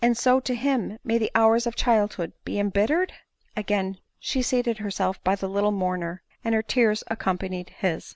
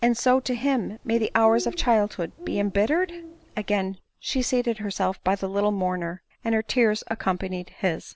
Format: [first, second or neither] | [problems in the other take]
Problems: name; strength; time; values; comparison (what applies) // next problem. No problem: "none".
first | background sound (Bird); 17 dB below the speech